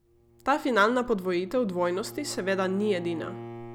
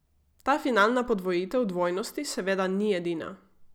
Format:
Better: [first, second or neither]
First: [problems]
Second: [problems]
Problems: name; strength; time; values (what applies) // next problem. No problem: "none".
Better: second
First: background sound (Bowed string instrument); 16 dB below the speech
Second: none